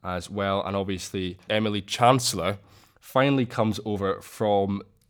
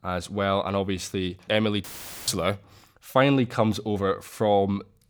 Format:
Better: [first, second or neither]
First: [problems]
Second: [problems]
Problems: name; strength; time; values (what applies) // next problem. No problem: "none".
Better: first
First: none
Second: audio cutting out; filled with static; at 2 s